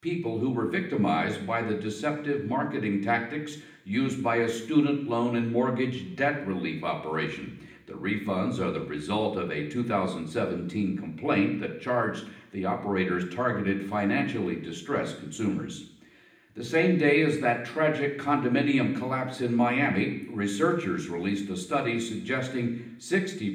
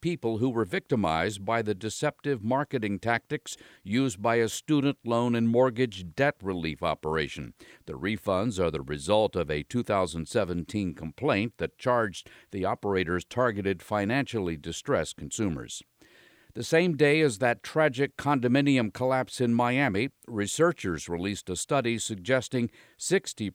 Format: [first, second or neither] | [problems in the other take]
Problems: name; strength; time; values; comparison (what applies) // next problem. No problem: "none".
second | room echo; slight; dies away in 0.8 s // off-mic speech; somewhat distant